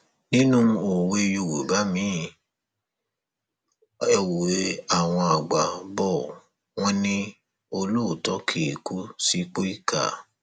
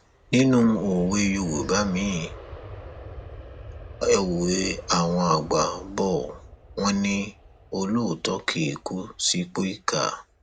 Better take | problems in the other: first | background sound (Aircraft); 17 dB below the speech

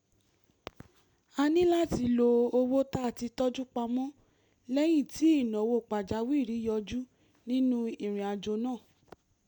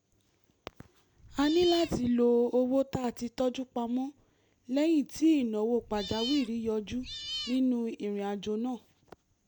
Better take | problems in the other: first | background sound (Cat); 10 dB below the speech

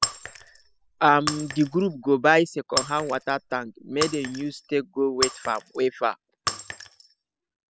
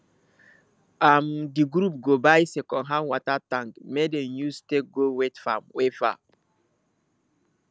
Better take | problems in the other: second | noise reduction (classical method spectral subtraction)

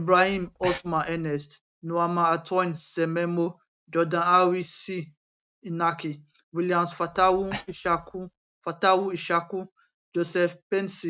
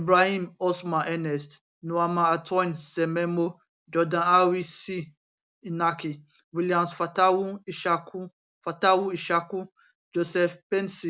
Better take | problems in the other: second | noise reduction (neural mask model RNNoise)

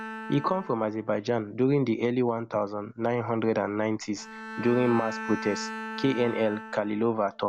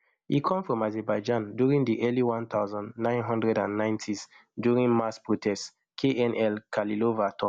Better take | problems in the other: second | background sound (Bowed string instrument); 13 dB below the speech

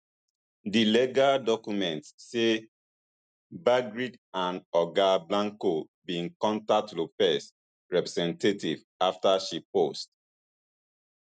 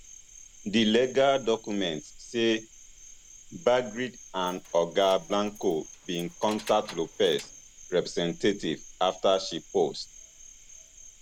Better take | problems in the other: first | background sound (Cricket + Keys jangling); 19 dB below the speech

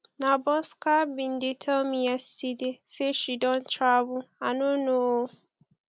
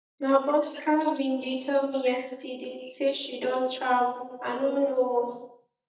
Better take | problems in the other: first | noise reduction (neural mask model DeepFilterNet 3)

